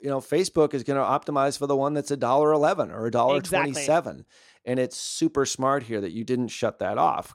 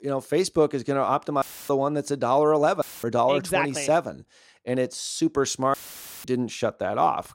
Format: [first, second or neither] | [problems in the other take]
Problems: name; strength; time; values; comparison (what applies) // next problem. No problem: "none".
first | audio cutting out; filled with static; at 1.5 s, at 3 s and at 5.5 s for 0.5 s